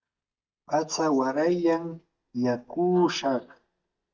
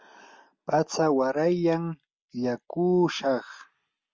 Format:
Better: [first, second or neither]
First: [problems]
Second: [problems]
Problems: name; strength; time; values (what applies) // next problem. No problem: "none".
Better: second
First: noise reduction (neural mask model DeepFilterNet 3)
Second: none